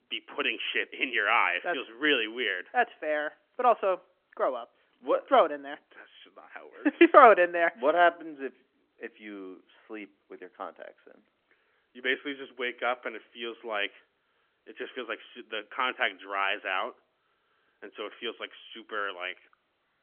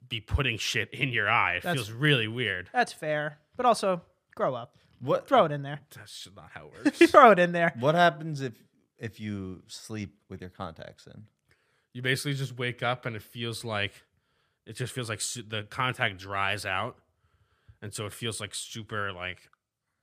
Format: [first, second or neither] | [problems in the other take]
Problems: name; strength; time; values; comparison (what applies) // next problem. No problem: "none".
second | phone-call audio; nothing above 3 kHz